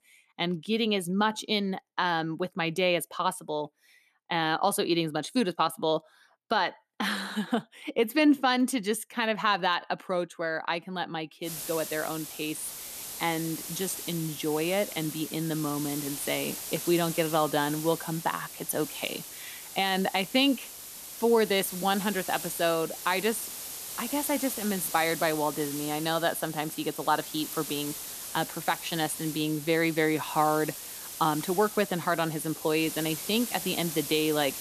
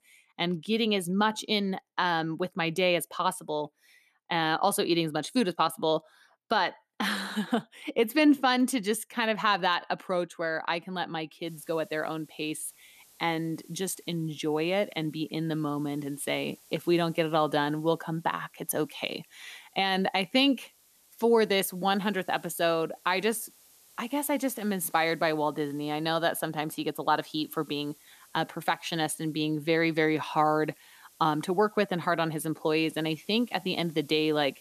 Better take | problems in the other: second | hiss; loud; from 11 s on; 8 dB below the speech; faint in the second

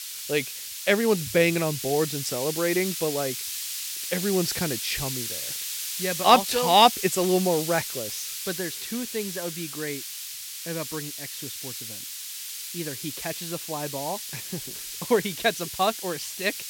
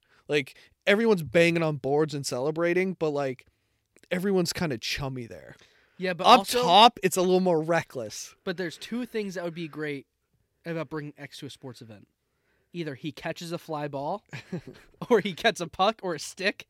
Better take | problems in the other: second | hiss; loud; throughout; 6 dB below the speech

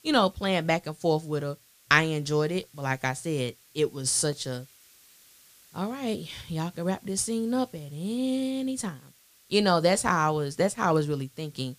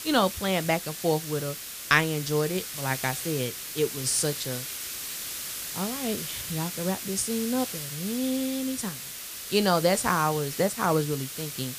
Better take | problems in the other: first | hiss; loud; throughout; 6 dB below the speech; faint in the first

